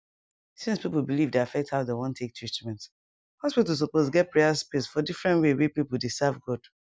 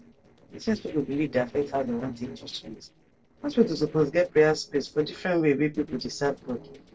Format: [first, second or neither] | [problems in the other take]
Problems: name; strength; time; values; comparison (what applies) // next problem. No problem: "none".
first | noise reduction (neural separator model SepFormer DNS4)